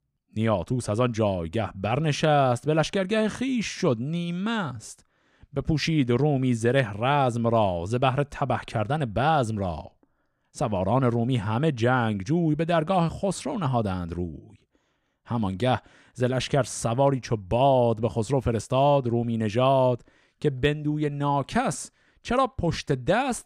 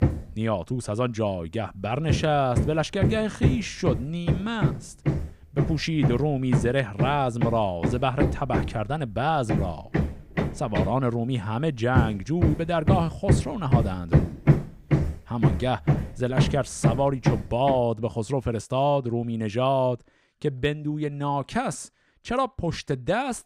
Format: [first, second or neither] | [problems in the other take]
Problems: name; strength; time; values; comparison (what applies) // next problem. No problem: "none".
first | machinery noise; loud; until 18 s; as loud as the speech